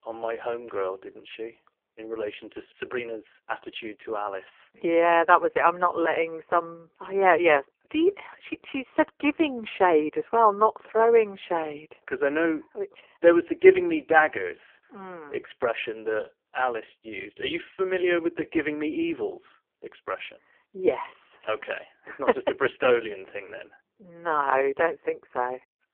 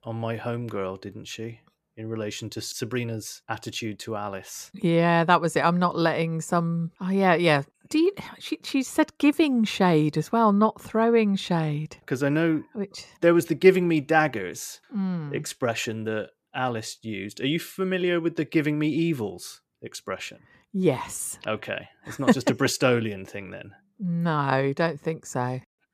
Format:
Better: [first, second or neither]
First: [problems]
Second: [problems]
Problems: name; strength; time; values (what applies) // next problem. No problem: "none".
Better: second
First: phone-call audio; poor line; nothing above 3 kHz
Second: none